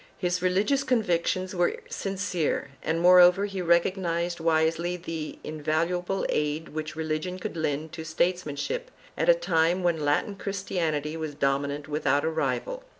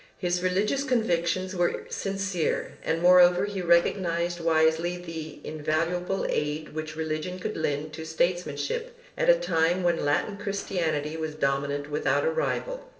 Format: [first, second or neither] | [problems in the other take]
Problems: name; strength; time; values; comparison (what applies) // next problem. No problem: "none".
first | noise reduction (neural separator model SepFormer DNS4)